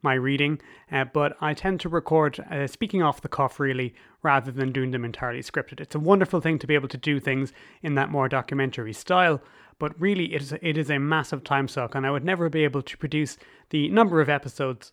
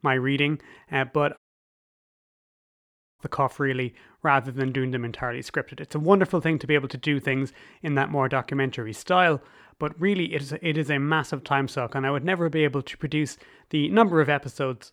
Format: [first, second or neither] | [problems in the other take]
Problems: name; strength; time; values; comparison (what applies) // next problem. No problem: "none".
first | audio cutting out; at 1.5 s for 2 s